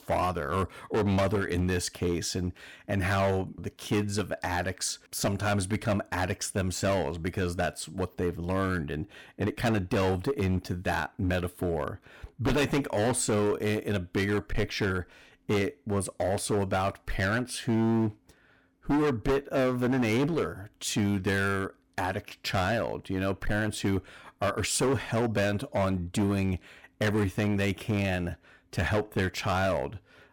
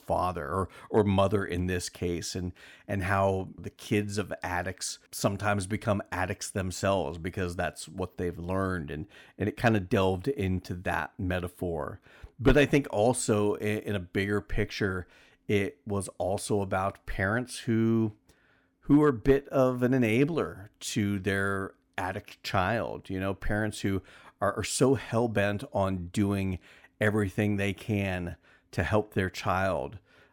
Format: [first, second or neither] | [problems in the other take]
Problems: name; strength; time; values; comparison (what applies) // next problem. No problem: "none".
second | distortion; heavy; 12% of the sound clipped